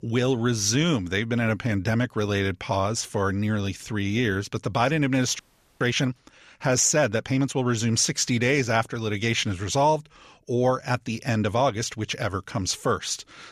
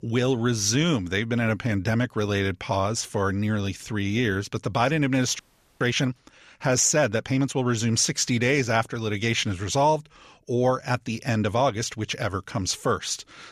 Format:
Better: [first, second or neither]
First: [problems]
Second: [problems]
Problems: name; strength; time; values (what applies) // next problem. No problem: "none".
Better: neither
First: audio freezing; at 5.5 s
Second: audio freezing; at 5.5 s